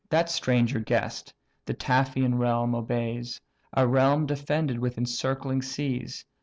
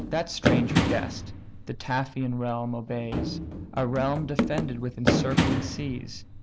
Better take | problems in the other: first | background sound (Run); 2 dB above the speech

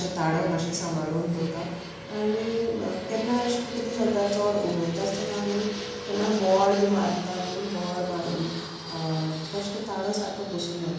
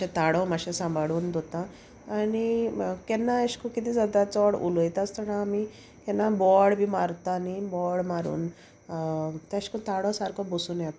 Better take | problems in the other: second | background sound (Fixed-wing aircraft, airplane); 11 dB below the speech // room echo; dies away in 1 s

